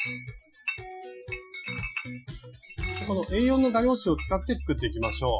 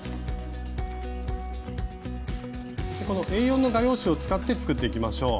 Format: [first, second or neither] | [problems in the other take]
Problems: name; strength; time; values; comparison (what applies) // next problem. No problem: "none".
second | noise reduction (classical method Wiener filter)